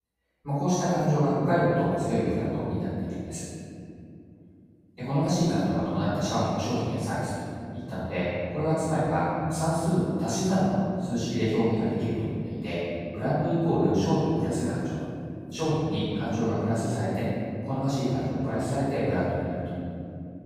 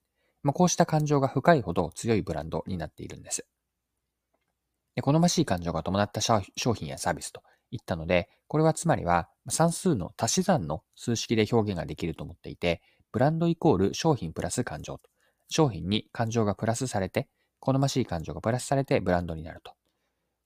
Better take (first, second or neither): second